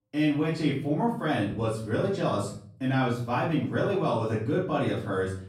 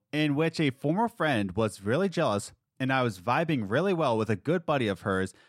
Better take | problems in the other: second | off-mic speech; far // room echo; noticeable; dies away in 0.5 s

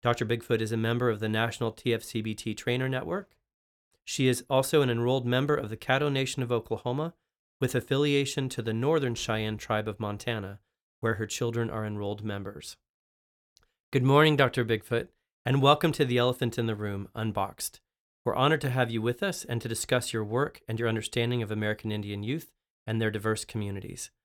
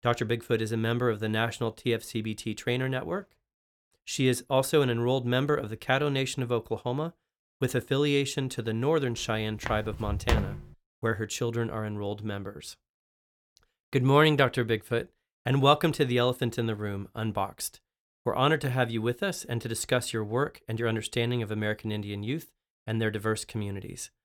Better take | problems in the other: first | footsteps; noticeable; at 9.5 s; peak level with the speech

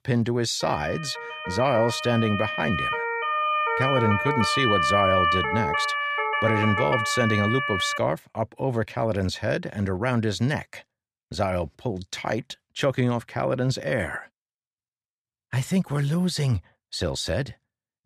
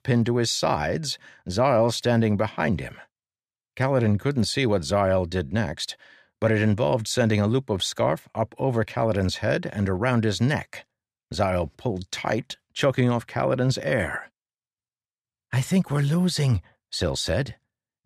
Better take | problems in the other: second | siren; loud; from 0.5 to 8 s; peak 5 dB above the speech

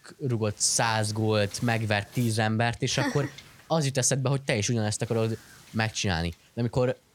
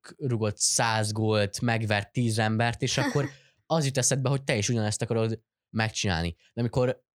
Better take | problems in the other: second | wind noise on the microphone; occasional gusts; 25 dB below the speech

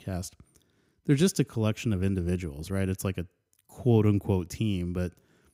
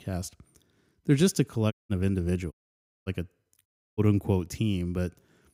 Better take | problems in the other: first | audio cutting out; at 1.5 s, at 2.5 s for 0.5 s and at 3.5 s

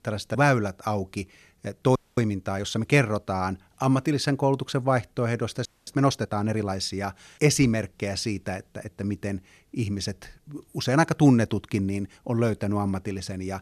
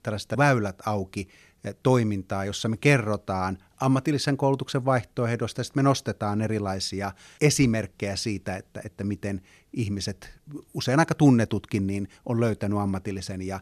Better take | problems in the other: second | audio freezing; at 2 s and at 5.5 s

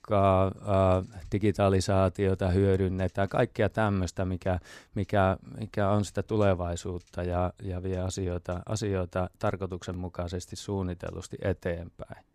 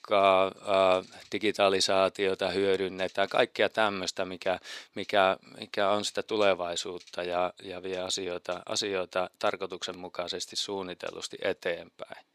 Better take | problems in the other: first | thin; somewhat; fading below 400 Hz

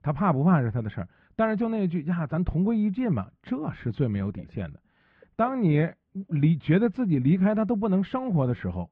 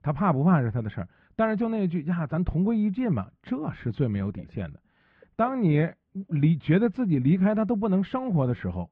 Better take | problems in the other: neither | muffled; very; fading above 2 kHz; the same in both

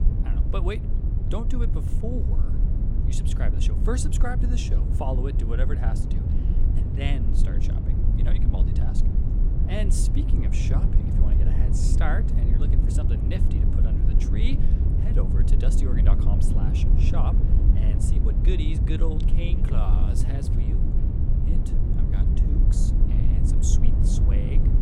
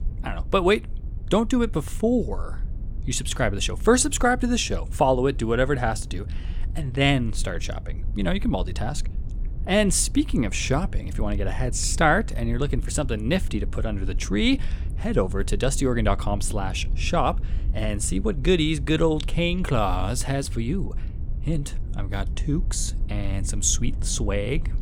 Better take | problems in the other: second | low rumble; loud; throughout; 1 dB below the speech; faint in the second

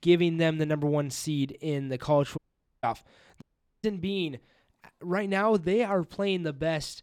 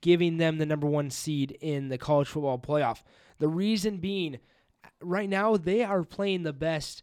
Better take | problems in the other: second | audio cutting out; at 2.5 s and at 3.5 s

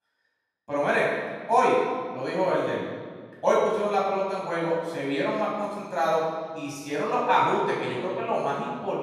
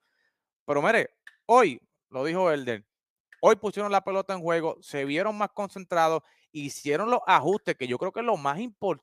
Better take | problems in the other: second | off-mic speech; far // room echo; strong; dies away in 1.6 s

